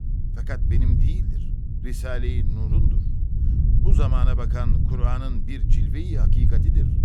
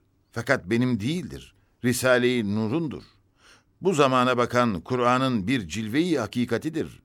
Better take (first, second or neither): second